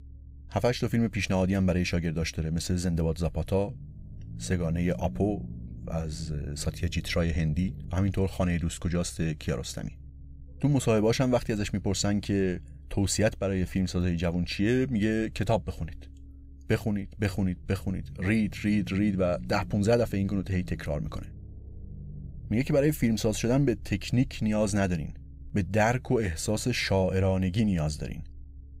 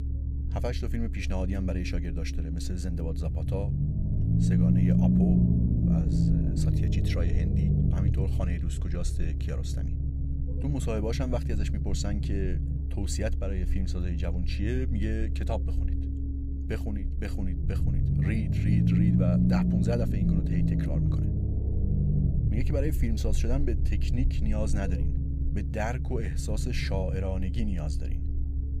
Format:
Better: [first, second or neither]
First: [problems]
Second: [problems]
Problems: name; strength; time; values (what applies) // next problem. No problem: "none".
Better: first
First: low rumble; faint; throughout; 25 dB below the speech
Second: low rumble; loud; throughout; 1 dB below the speech